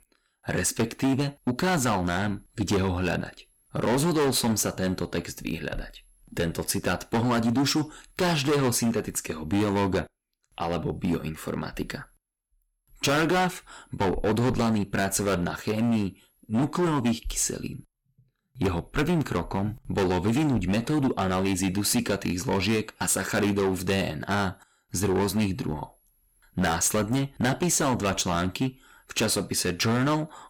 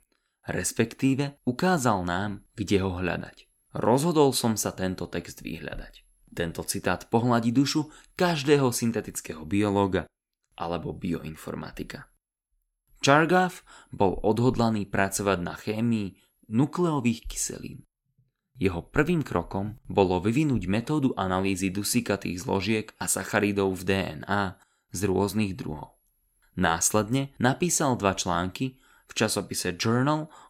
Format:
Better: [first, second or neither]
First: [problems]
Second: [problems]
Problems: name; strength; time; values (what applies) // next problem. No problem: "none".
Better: second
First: distortion; heavy; 13% of the sound clipped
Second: none